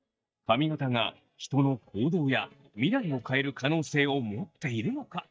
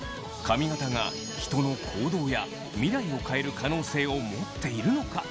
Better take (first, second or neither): second